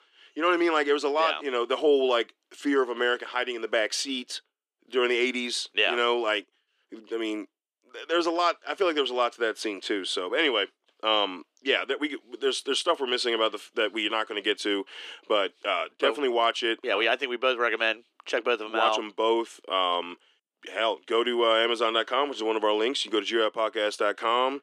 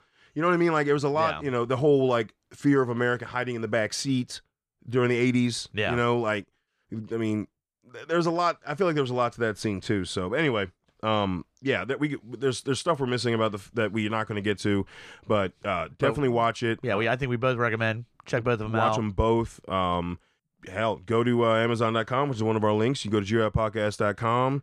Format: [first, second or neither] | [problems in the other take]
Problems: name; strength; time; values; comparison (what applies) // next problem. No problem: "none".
second | thin; somewhat; fading below 300 Hz